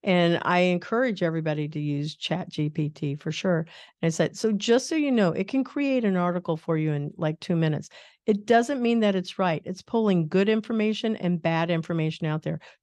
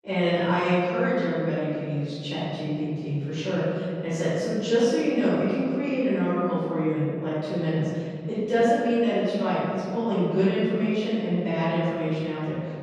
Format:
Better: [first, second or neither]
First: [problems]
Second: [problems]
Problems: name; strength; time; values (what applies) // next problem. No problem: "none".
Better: first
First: none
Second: off-mic speech; far // room echo; strong; dies away in 2 s